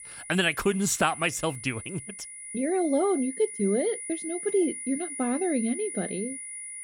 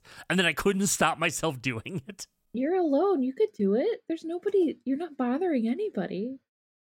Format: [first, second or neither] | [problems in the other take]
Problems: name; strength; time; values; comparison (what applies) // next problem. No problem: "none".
second | high-pitched whine; loud; throughout; 9.5 kHz, 9 dB below the speech